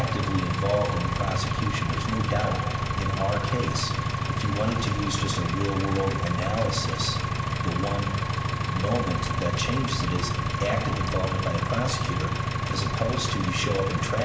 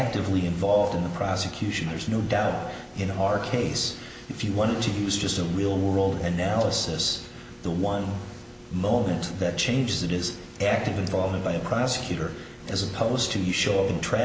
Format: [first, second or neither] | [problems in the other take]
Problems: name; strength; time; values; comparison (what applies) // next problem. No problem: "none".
second | background sound (Engine); 2 dB above the speech